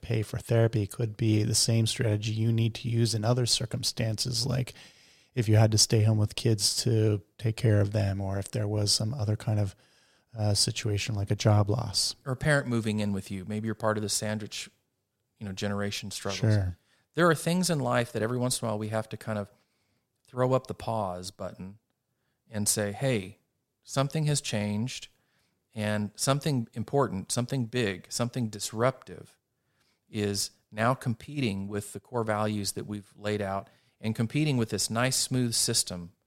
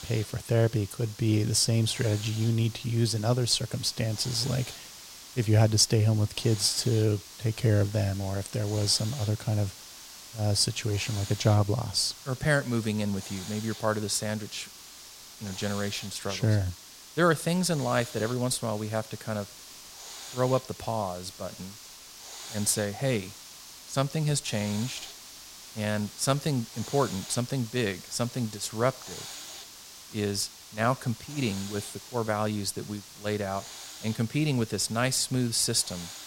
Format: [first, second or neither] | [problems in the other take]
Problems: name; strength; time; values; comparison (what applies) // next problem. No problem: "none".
first | hiss; noticeable; throughout; 15 dB below the speech